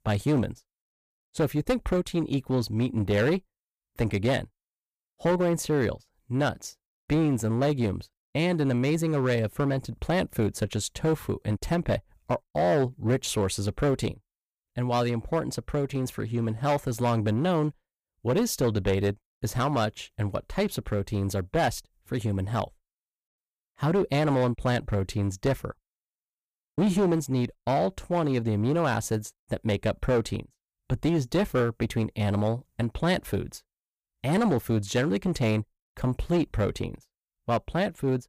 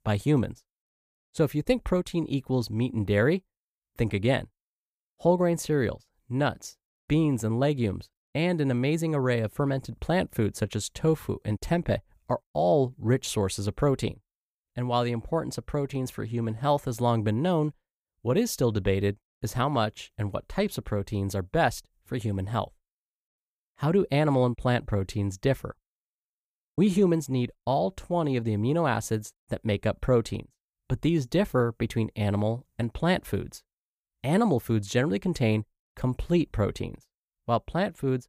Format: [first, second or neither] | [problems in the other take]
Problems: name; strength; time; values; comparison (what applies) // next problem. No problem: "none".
second | distortion; slight; 7% of the sound clipped